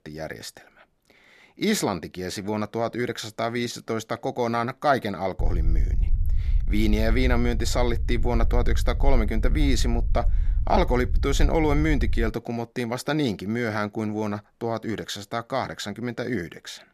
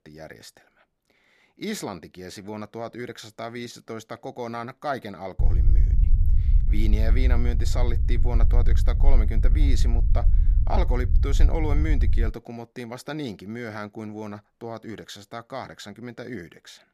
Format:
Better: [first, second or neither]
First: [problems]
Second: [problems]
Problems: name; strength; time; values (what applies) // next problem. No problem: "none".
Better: first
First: low rumble; faint; from 5.5 to 12 s; 20 dB below the speech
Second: low rumble; loud; from 5.5 to 12 s; 9 dB below the speech